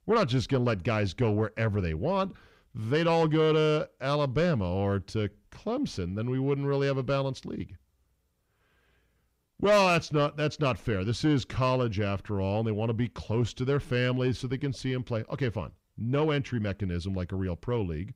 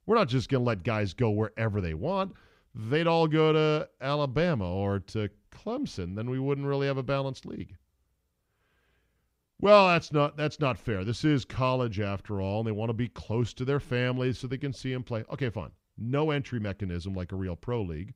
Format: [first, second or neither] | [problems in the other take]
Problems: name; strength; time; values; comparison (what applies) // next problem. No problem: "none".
second | distortion; slight; 10 dB below the speech